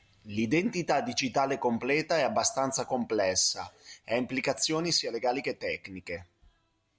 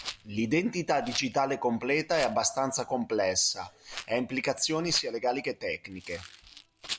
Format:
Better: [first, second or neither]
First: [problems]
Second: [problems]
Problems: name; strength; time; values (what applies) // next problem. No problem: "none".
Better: first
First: none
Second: background sound (Rattle); 16 dB below the speech